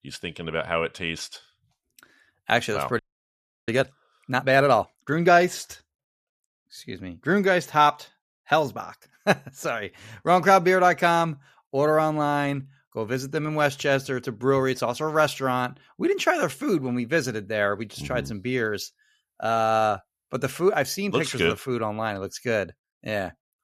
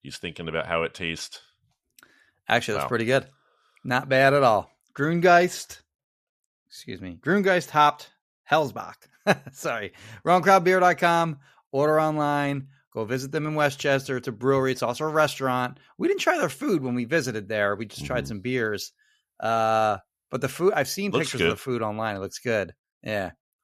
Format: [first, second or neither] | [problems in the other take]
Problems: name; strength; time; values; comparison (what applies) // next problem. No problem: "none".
second | audio freezing; at 3 s for 0.5 s